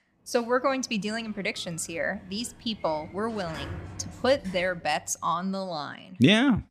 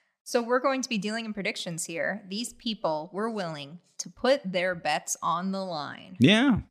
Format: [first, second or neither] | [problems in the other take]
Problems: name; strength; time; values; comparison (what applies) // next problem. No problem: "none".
second | door banging; faint; from 0.5 to 5 s; peak 10 dB below the speech